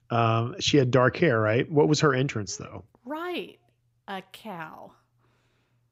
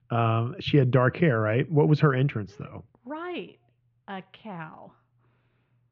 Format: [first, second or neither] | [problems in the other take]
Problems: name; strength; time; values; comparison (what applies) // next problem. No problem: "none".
first | muffled; very slightly; fading above 3 kHz